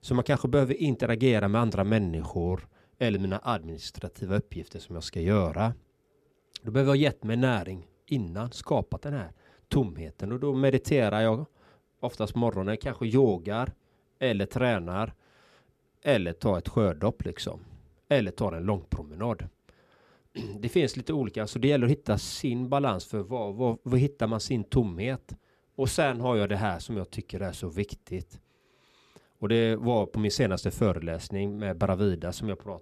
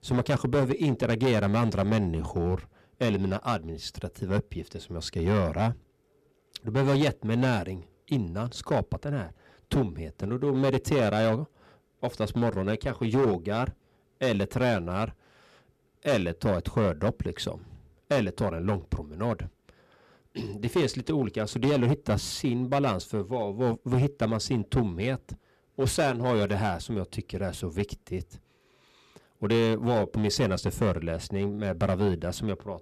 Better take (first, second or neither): first